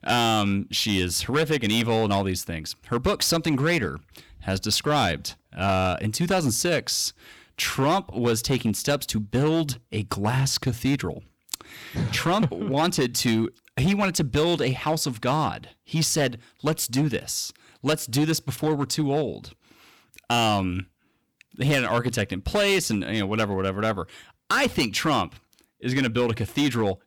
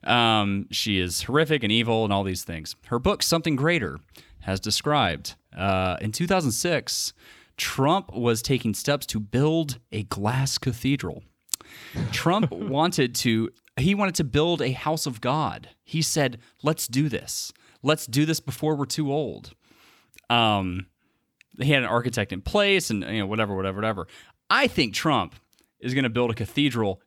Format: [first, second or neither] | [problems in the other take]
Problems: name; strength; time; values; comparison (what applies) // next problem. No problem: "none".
second | distortion; slight; 7% of the sound clipped